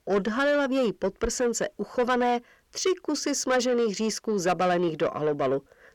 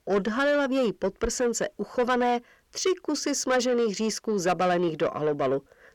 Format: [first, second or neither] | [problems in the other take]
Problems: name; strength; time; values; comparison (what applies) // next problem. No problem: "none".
neither | distortion; slight; 10 dB below the speech; the same in both